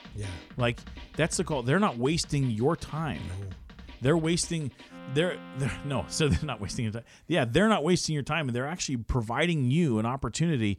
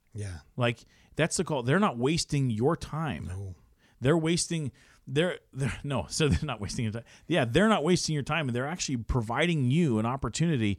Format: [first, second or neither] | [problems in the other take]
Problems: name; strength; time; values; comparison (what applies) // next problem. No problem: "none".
second | background music; noticeable; until 6.5 s; 20 dB below the speech